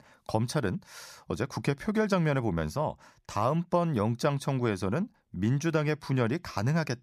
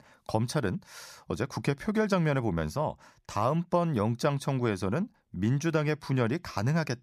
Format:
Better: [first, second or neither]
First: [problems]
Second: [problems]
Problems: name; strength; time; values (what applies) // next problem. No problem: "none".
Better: neither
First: none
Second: none